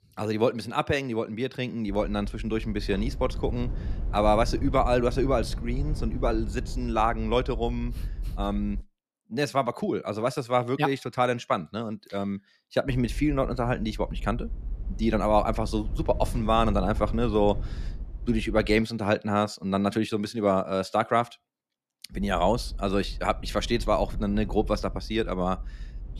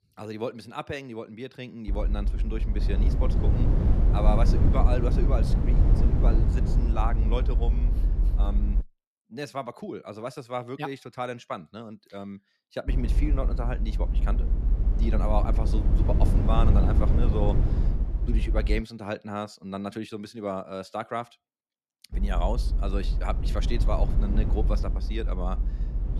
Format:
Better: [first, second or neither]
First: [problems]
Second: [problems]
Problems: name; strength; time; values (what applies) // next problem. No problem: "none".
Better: first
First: low rumble; faint; from 2 to 9 s, from 13 to 19 s and from 22 s on; 25 dB below the speech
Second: low rumble; loud; from 2 to 9 s, from 13 to 19 s and from 22 s on; 5 dB below the speech